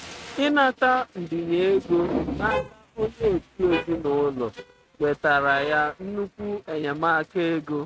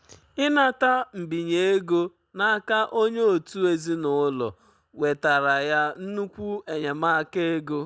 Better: second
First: noise reduction (neural mask model RNNoise)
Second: none

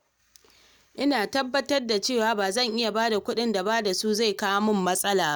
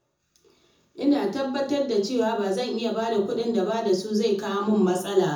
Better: first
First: none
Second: room echo; dies away in 0.5 s

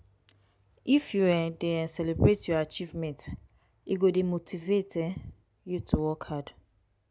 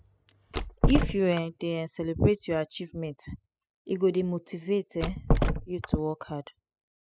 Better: first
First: none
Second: noise reduction (classical method spectral subtraction)

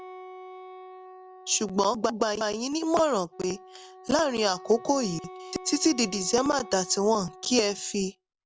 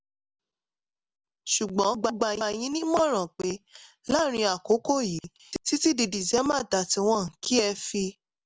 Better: second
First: background sound (Wind instrument, woodwind instrument); 18 dB below the speech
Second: none

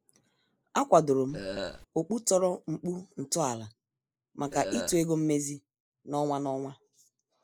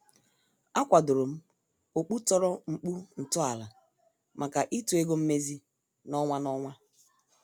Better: second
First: noise reduction (neural mask model Resemble Enhance denoiser)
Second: none

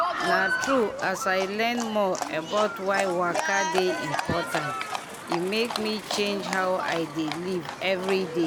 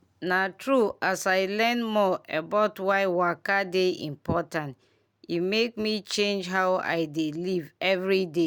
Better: second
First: background sound (Livestock, farm animals, working animals); 4 dB below the speech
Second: none

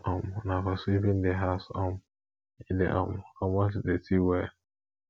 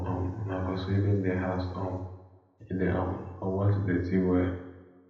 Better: first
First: none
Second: room echo; dies away in 0.8 s

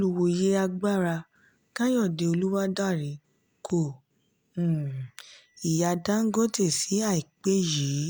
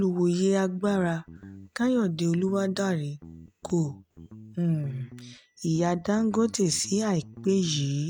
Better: first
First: none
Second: noise reduction (neural mask model RNNoise)

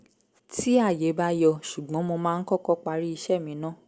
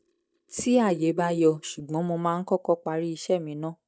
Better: first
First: none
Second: noise reduction (neural mask model DeepFilterNet 3)

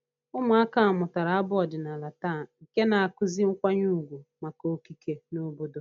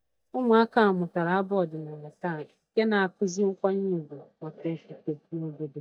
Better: first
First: none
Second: noise reduction (neural mask model DeepFilterNet 3)

